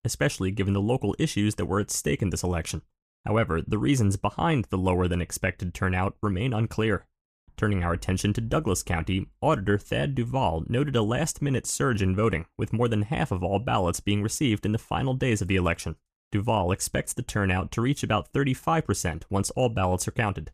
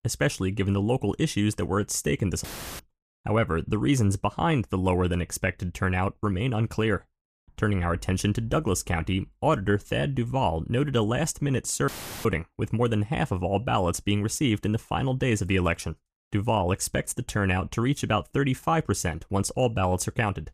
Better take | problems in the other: first | audio cutting out; filled with static; at 2.5 s and at 12 s

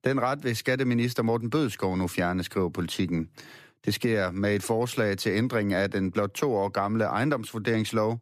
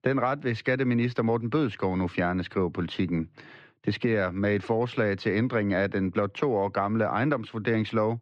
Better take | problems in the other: first | muffled; slightly; fading above 3.5 kHz

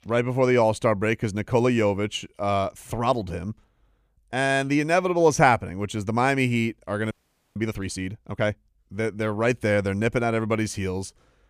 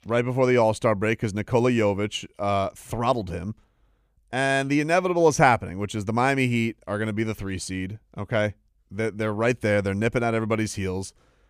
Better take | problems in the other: second | audio freezing; at 7 s

